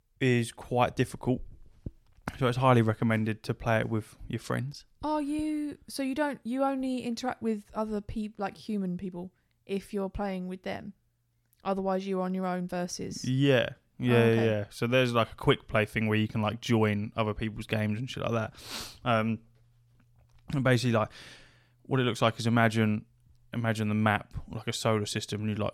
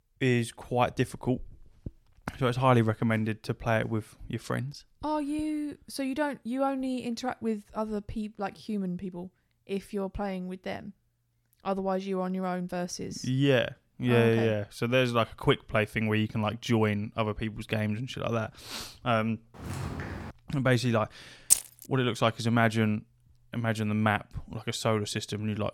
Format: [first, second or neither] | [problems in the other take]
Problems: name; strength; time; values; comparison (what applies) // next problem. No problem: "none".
first | footsteps; noticeable; at 20 s; peak 6 dB below the speech // jangling keys; very faint; at 22 s; peak 6 dB above the speech